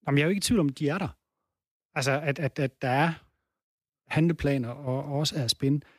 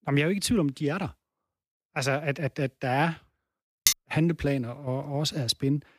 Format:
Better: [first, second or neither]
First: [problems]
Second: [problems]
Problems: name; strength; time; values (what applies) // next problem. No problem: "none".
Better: first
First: none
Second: clattering dishes; loud; at 4 s; peak 4 dB above the speech